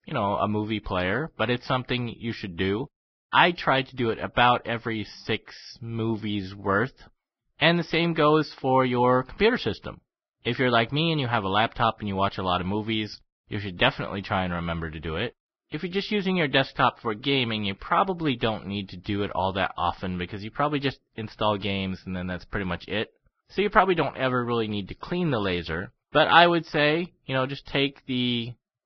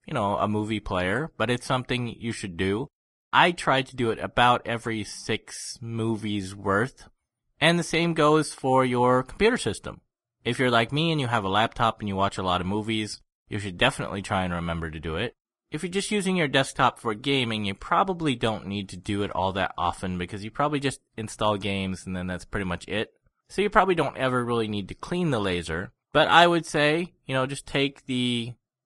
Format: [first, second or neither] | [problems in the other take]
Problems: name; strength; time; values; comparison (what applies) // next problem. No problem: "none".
second | garbled, watery; badly; nothing above 5.5 kHz; slightly in the second